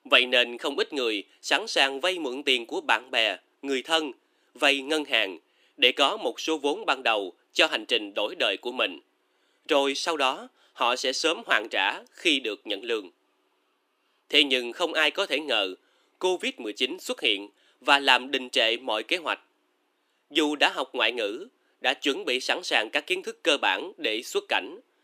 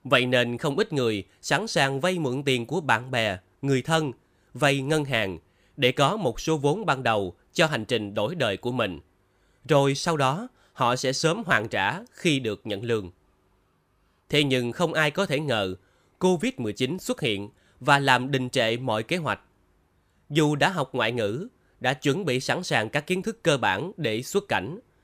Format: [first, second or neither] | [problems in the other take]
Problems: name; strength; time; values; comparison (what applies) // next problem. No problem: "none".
second | thin; somewhat; fading below 300 Hz